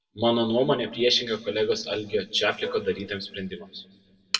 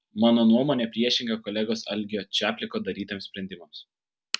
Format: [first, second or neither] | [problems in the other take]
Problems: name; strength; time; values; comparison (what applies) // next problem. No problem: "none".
second | background sound (Plucked string instrument); 18 dB below the speech // room echo; dies away in 1.1 s